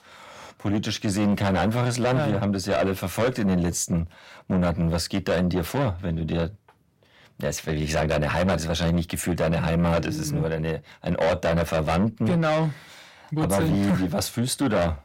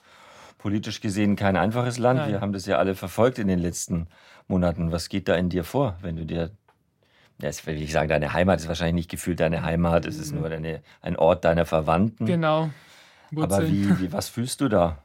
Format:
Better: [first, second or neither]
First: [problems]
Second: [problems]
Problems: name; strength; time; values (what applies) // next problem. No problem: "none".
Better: second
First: distortion; heavy; 7 dB below the speech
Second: none